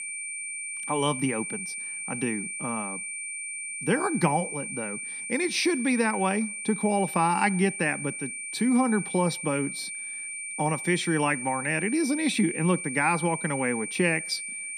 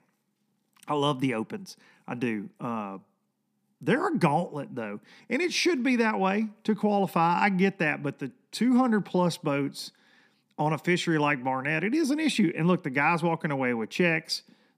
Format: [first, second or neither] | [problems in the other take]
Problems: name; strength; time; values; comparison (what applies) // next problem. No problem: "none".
second | high-pitched whine; loud; throughout; 2.5 kHz, 6 dB below the speech